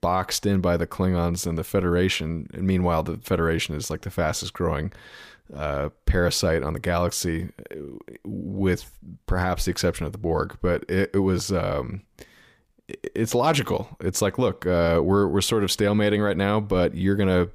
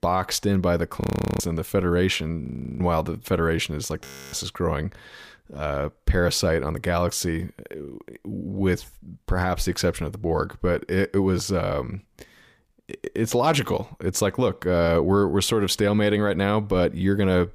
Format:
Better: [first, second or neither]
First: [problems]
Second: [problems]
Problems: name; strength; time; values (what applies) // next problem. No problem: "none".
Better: first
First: none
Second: audio freezing; at 1 s, at 2.5 s and at 4 s